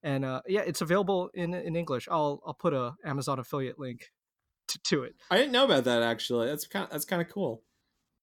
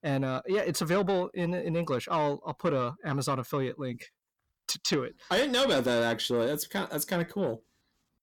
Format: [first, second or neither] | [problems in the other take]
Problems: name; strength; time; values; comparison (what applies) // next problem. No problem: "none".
first | distortion; slight; 10 dB below the speech